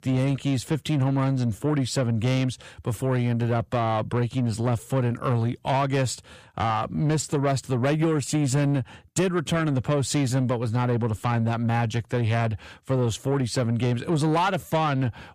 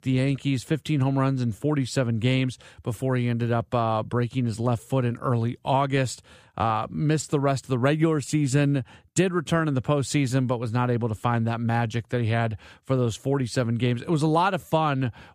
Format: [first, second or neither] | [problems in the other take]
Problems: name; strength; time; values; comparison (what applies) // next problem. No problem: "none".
second | distortion; slight; 10 dB below the speech